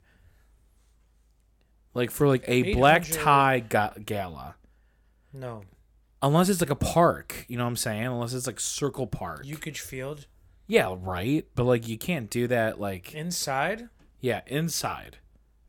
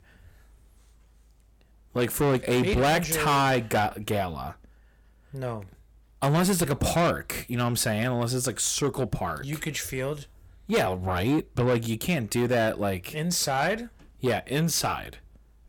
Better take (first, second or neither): first